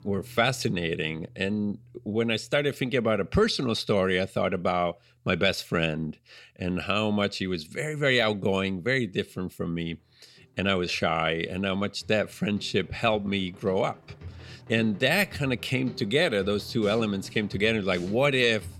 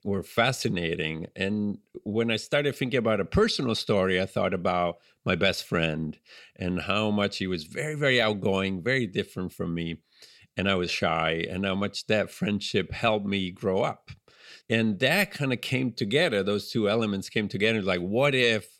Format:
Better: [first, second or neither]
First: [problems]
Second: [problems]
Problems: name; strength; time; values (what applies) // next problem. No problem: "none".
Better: second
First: background music; faint; throughout; 20 dB below the speech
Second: none